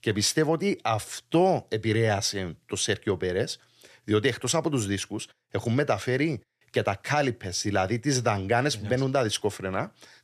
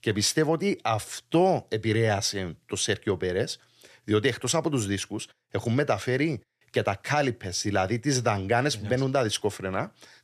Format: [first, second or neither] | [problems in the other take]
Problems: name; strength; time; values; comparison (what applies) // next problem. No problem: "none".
neither | none